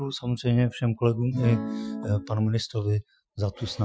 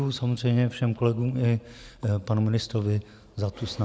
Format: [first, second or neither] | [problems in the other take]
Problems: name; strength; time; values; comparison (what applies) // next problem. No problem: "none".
second | noise reduction (classical method Wiener filter)